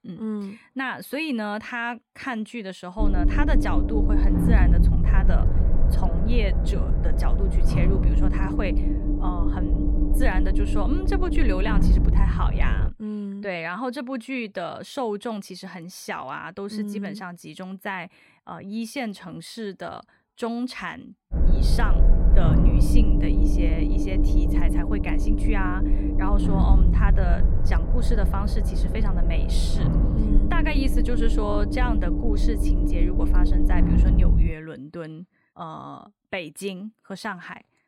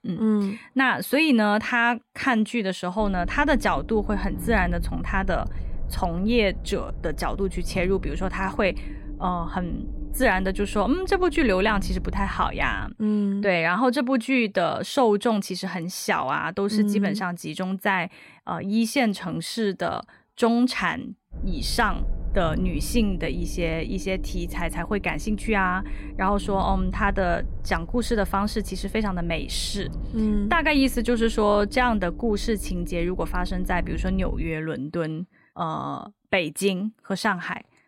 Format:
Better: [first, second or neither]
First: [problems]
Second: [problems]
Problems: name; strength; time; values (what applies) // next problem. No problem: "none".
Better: second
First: low rumble; loud; from 3 to 13 s and from 21 to 35 s; 2 dB below the speech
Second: low rumble; faint; from 3 to 13 s and from 21 to 35 s; 20 dB below the speech